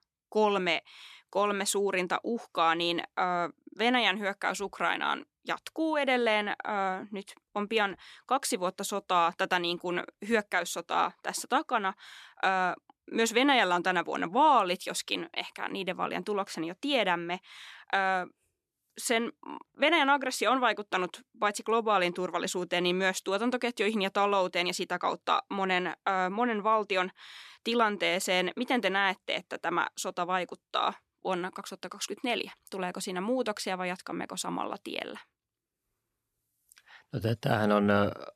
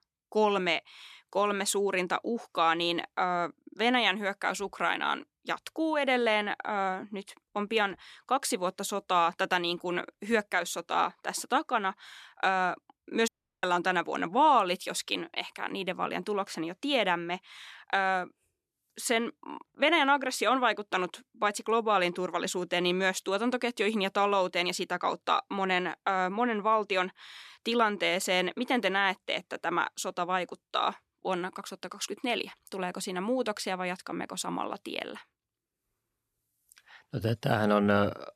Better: first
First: none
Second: audio cutting out; at 13 s

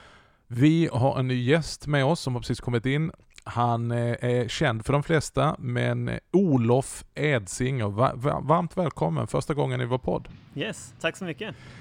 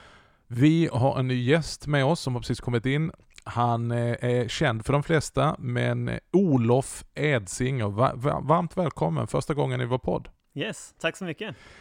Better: second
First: traffic noise; faint; throughout; 30 dB below the speech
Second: none

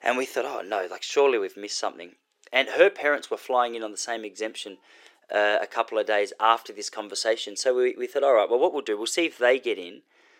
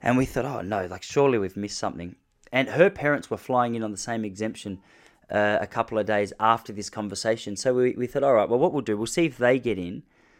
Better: second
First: thin; somewhat; fading below 400 Hz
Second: none

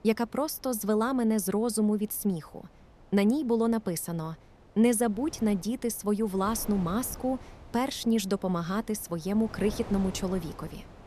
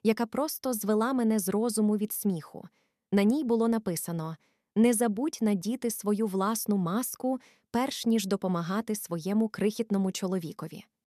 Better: second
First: wind noise on the microphone; occasional gusts; 20 dB below the speech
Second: none

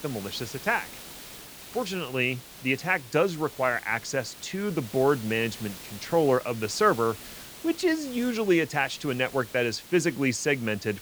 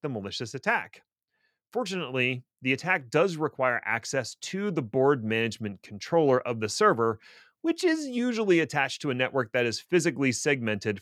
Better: second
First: hiss; noticeable; throughout; 15 dB below the speech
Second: none

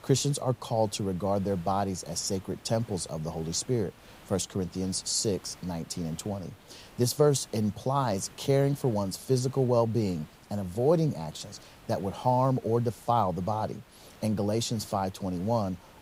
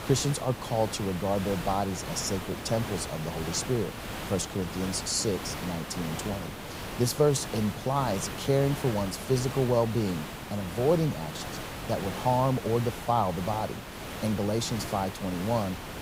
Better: first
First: hiss; faint; throughout; 25 dB below the speech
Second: hiss; loud; throughout; 8 dB below the speech

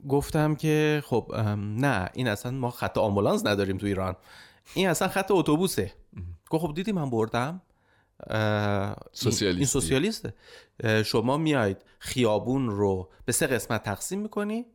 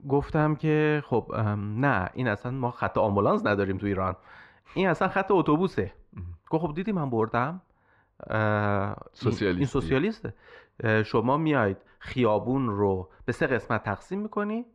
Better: first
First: none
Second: muffled; very; fading above 2 kHz

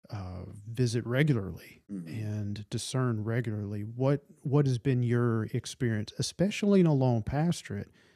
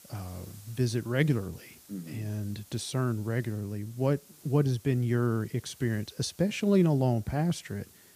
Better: first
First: none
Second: hiss; faint; throughout; 25 dB below the speech

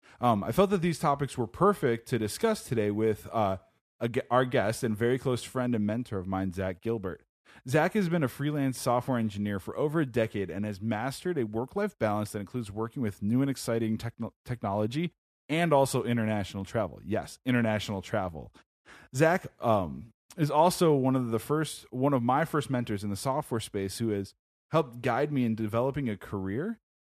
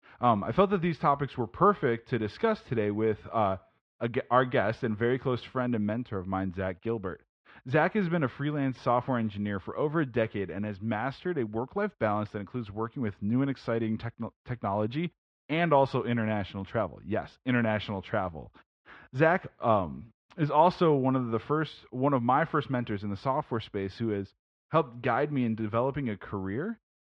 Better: first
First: none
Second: muffled; slightly; fading above 3.5 kHz

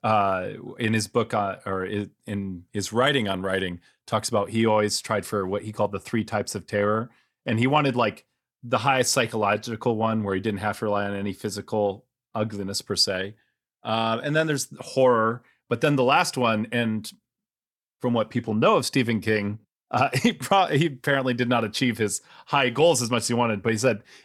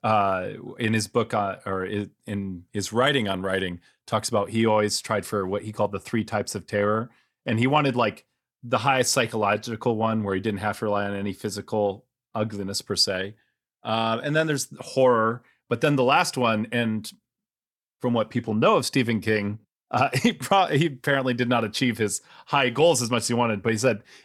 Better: neither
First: none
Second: none

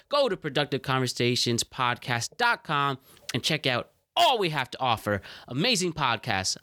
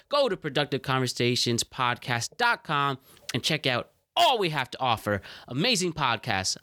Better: neither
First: none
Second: none

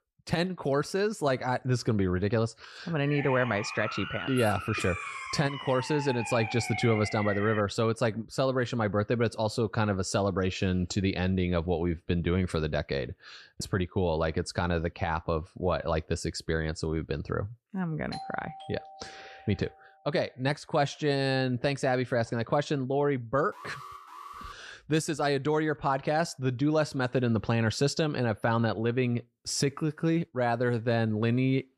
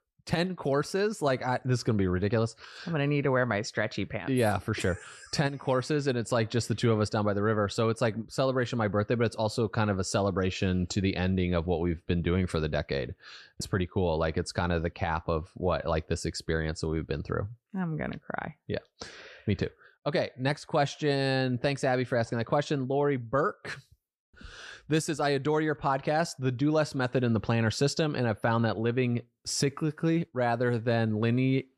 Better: second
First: siren; noticeable; from 3 to 7.5 s; peak 5 dB below the speech // doorbell; faint; from 18 to 20 s; peak 10 dB below the speech // alarm; faint; from 24 to 25 s; peak 15 dB below the speech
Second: none

